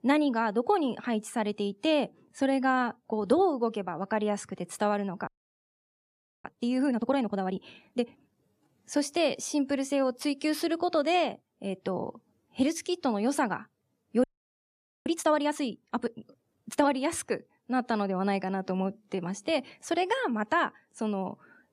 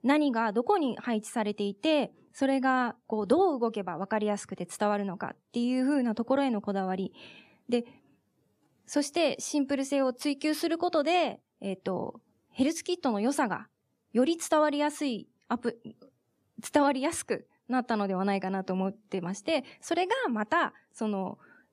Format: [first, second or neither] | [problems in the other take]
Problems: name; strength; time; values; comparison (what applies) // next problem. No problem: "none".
second | audio freezing; at 5.5 s for 1 s and at 14 s for 1 s